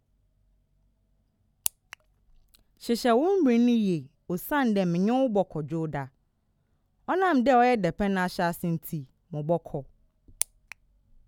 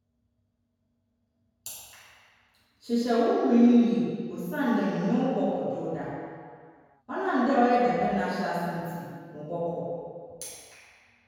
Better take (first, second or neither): first